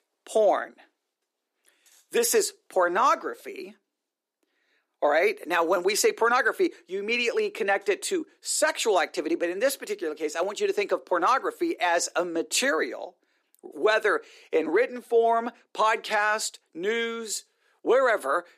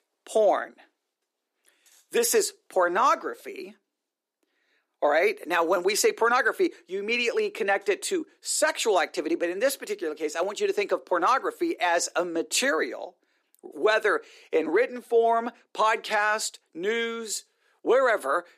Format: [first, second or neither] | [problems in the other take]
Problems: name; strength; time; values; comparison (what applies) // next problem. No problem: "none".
neither | thin; somewhat; fading below 300 Hz; the same in both